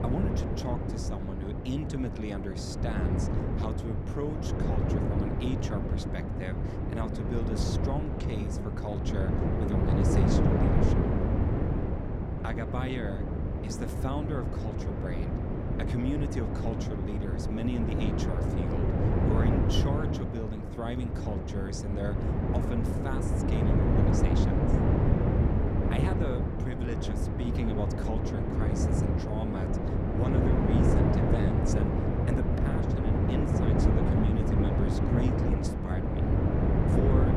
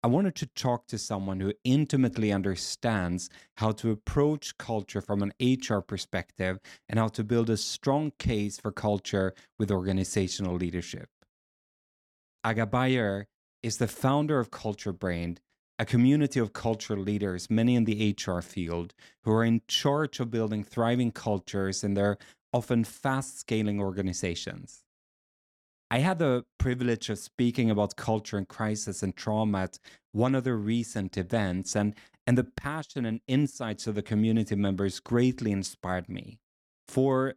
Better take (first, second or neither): second